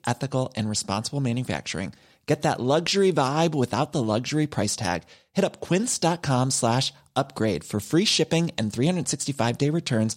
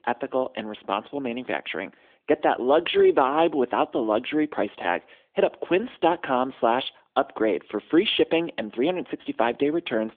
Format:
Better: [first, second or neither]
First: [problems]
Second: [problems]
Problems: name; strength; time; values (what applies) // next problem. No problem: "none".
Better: first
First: none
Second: phone-call audio; nothing above 3.5 kHz